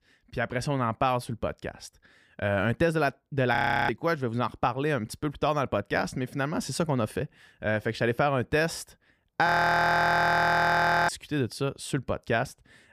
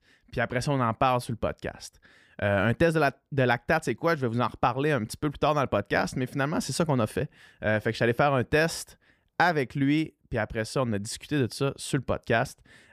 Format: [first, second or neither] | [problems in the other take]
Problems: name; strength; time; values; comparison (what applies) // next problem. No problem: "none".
second | audio freezing; at 3.5 s and at 9.5 s for 1.5 s